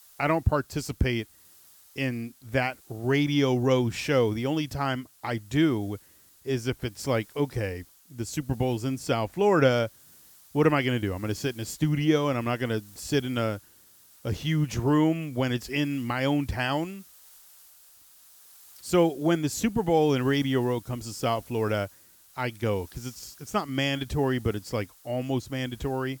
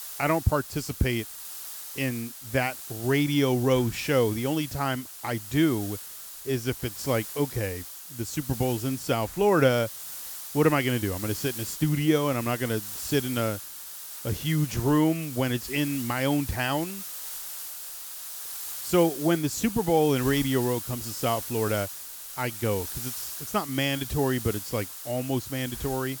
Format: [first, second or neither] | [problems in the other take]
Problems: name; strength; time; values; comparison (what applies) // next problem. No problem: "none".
first | hiss; loud; throughout; 9 dB below the speech; faint in the first